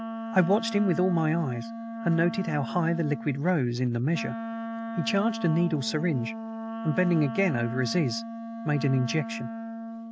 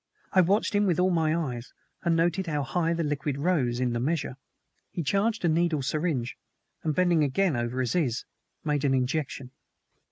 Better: second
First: background sound (Wind instrument, woodwind instrument); 8 dB below the speech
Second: none

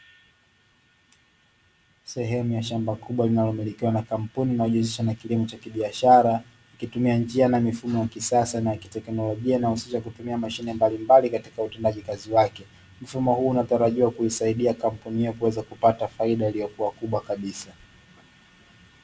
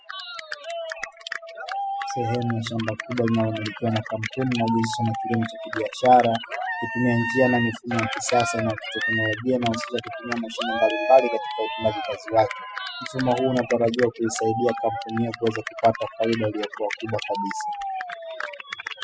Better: first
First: none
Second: noise reduction (classical method spectral subtraction)

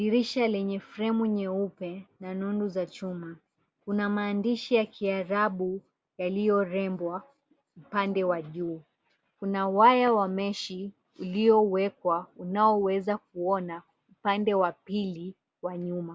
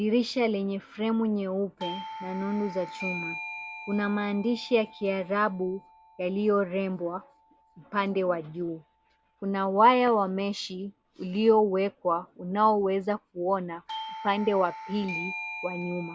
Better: first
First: none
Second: background sound (Doorbell); 15 dB below the speech

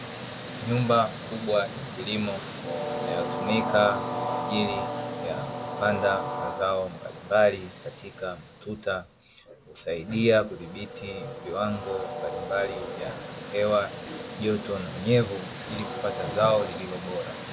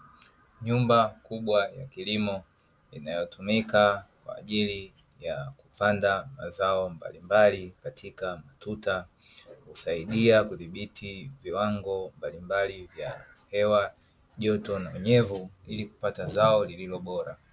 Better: second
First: background sound (Train); 6 dB below the speech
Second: none

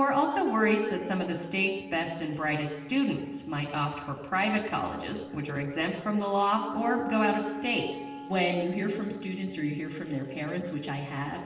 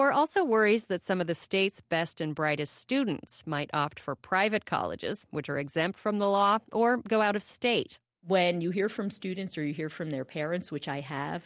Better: second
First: background sound (Wind instrument, woodwind instrument); 11 dB below the speech // room echo; dies away in 1.2 s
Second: none

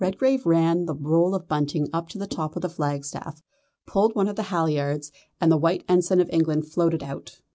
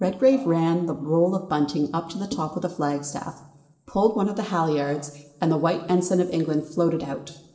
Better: first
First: none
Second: noise reduction (neural separator model SepFormer DNS4)

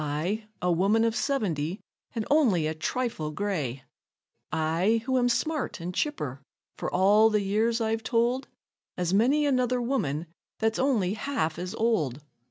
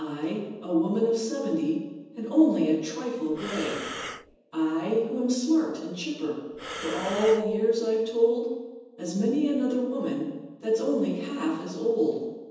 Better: first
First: none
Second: background sound (Breathing); 10 dB below the speech // room echo; dies away in 1.1 s

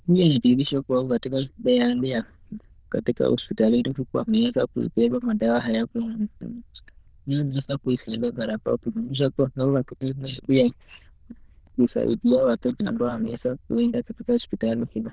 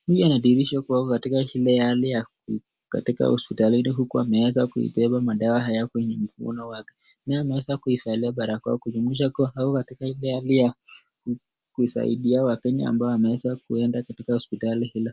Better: second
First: noise reduction (neural diffusion model UNIVERSE++)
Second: none

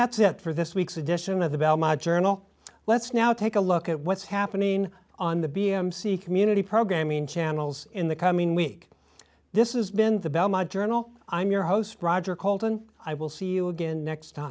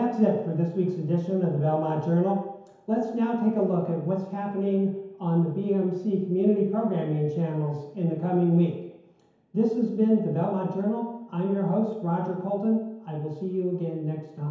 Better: first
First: none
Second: room echo; dies away in 1 s

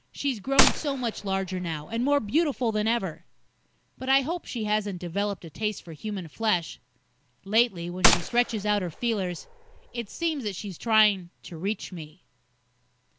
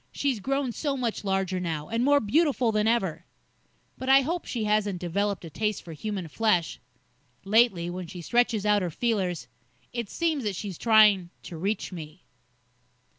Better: second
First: background sound (Gunshot, gunfire); as loud as the speech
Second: none

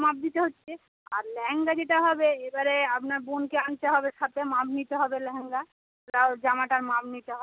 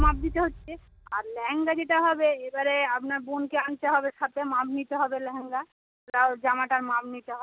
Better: first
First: none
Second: background sound (Bass drum); 10 dB below the speech

